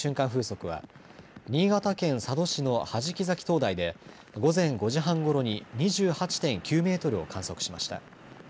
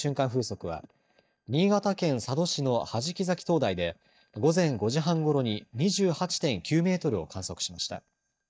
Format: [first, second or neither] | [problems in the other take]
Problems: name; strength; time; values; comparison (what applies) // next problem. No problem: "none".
first | noise reduction (neural mask model DeepFilterNet 3)